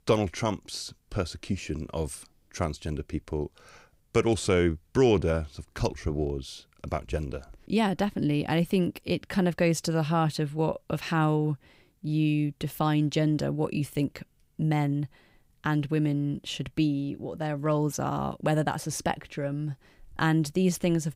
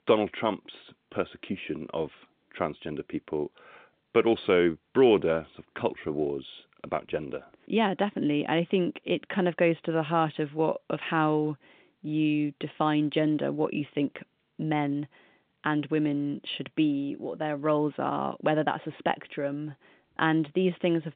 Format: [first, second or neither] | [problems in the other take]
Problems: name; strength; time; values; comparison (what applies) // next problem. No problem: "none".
first | phone-call audio